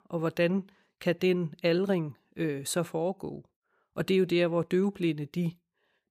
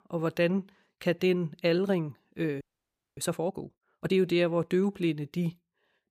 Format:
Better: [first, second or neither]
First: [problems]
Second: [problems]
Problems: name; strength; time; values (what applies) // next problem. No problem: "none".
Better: first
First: none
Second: audio freezing; at 2.5 s for 0.5 s